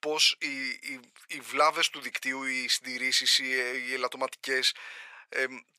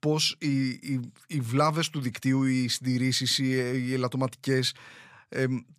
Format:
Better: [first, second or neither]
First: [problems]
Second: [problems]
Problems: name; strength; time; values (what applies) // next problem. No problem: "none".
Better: second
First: thin; very; fading below 500 Hz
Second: none